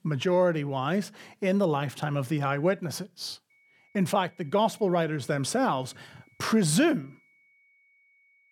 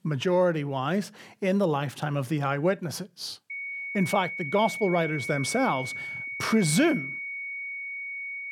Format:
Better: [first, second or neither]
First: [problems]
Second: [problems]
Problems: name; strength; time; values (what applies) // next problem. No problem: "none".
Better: first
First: high-pitched whine; faint; from 3.5 s on; 2 kHz, 35 dB below the speech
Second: high-pitched whine; loud; from 3.5 s on; 2 kHz, 6 dB below the speech